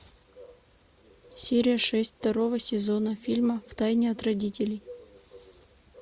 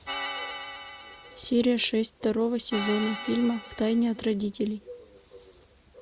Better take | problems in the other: first | background sound (Organ); 11 dB below the speech

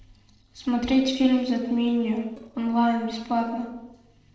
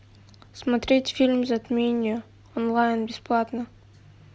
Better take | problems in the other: second | noise reduction (neural separator model SepFormer DNS4)

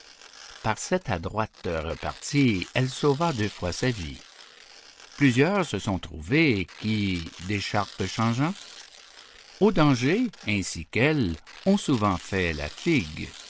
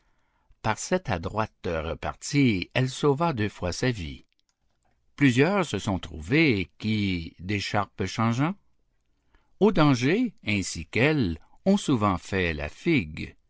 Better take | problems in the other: second | background sound (Tearing); 20 dB below the speech

